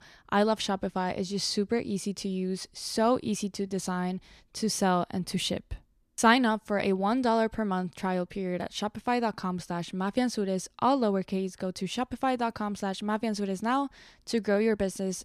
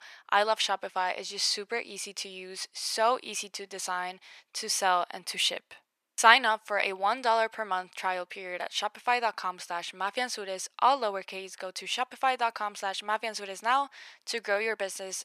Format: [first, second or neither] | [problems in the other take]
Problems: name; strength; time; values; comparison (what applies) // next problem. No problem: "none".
first | thin; very; fading below 800 Hz